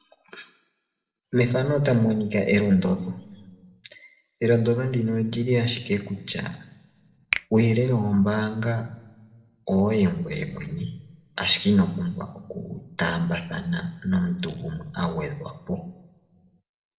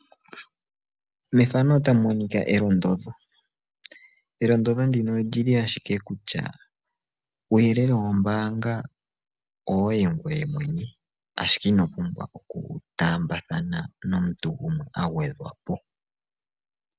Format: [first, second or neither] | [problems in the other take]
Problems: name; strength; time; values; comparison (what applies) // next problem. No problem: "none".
second | background sound (Finger snapping); 11 dB below the speech // room echo; dies away in 0.7 s